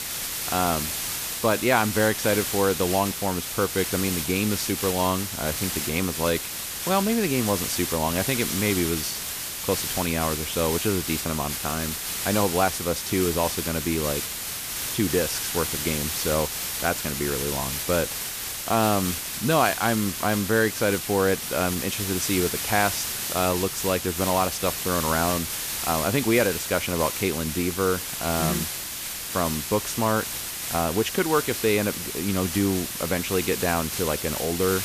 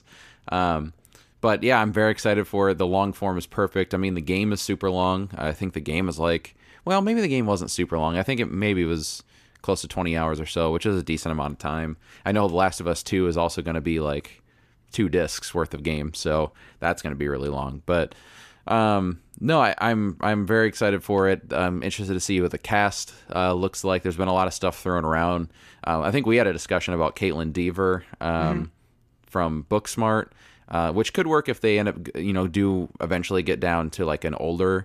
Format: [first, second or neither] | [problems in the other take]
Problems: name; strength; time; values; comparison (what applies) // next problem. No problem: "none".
second | hiss; loud; throughout; 2 dB below the speech